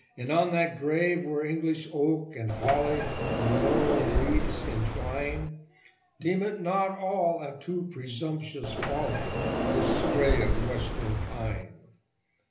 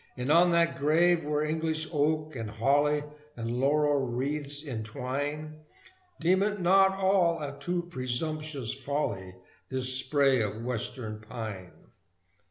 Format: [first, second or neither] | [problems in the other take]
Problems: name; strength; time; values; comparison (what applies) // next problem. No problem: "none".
second | background sound (Sliding door); 2 dB below the speech // room echo; dies away in 0.3 s